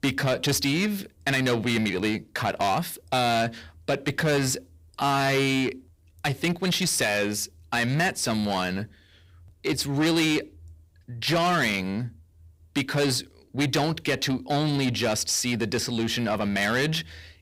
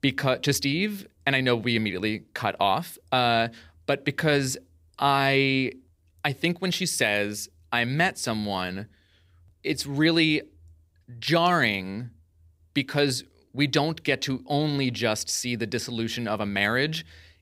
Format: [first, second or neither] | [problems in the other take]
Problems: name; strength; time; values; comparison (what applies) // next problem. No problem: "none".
second | distortion; heavy; 7 dB below the speech